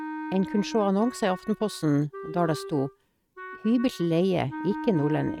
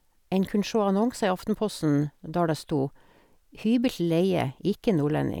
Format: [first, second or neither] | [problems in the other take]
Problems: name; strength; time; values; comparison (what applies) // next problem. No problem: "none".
second | noise reduction (neural mask model RNNoise)